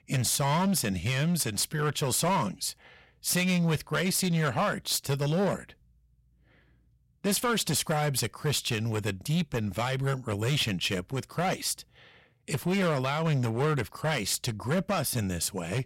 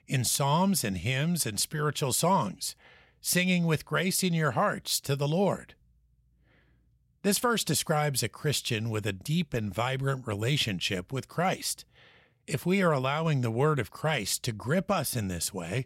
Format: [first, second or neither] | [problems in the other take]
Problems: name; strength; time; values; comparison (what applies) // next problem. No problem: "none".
second | distortion; slight; 10% of the sound clipped